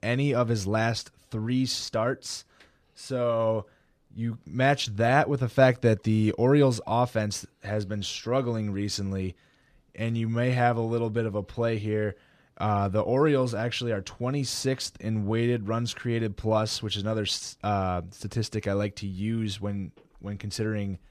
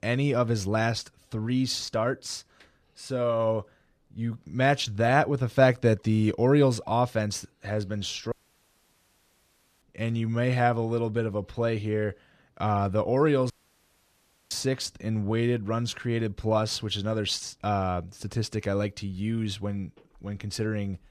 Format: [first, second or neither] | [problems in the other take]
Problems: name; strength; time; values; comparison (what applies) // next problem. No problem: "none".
first | audio cutting out; at 8.5 s for 1.5 s and at 14 s for 1 s